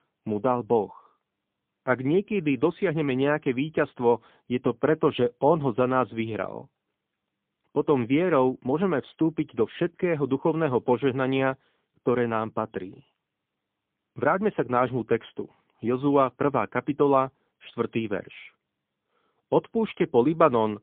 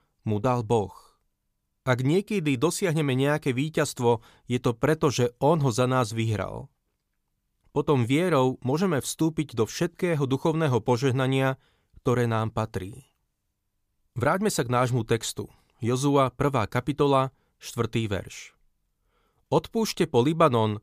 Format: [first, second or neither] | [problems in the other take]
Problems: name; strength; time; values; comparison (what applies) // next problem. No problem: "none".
second | phone-call audio; poor line; nothing above 3 kHz